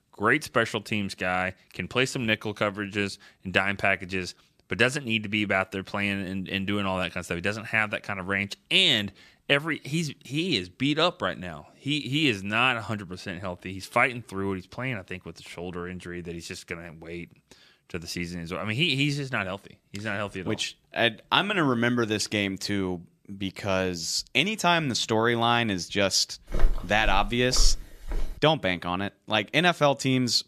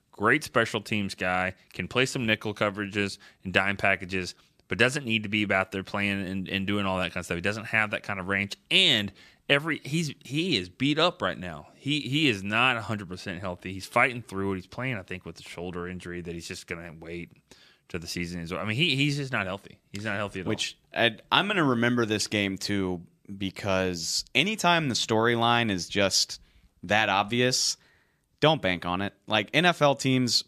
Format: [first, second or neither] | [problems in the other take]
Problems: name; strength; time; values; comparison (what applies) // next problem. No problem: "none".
second | footsteps; noticeable; from 27 to 28 s; peak 5 dB below the speech